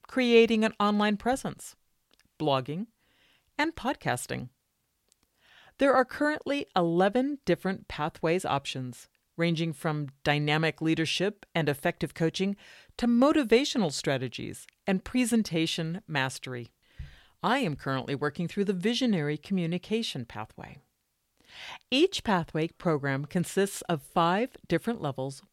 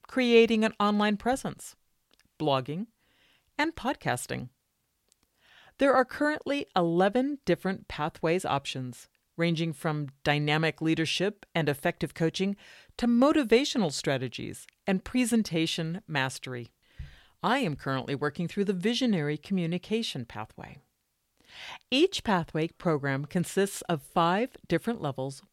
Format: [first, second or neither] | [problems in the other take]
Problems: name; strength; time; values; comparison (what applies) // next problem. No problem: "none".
neither | none